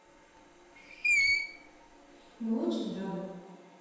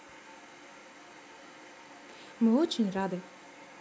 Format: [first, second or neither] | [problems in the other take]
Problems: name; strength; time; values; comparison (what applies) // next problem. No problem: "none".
second | background sound (Screech); 4 dB above the speech // room echo; dies away in 1.2 s